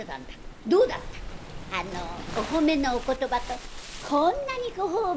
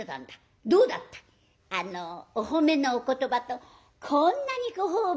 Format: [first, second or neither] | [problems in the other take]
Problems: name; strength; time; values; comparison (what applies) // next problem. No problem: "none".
second | background sound (Waves, surf); 11 dB below the speech